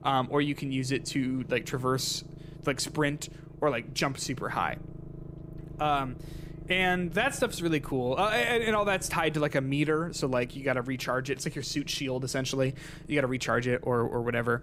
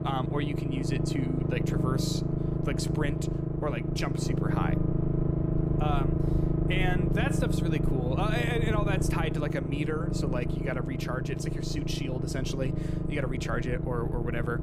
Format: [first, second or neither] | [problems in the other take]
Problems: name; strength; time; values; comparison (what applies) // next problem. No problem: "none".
first | low rumble; loud; throughout; 2 dB below the speech; faint in the first